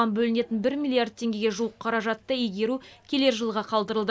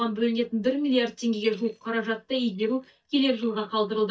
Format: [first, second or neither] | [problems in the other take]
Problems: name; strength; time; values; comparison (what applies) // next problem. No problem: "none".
first | noise reduction (neural mask model DeepFilterNet 3)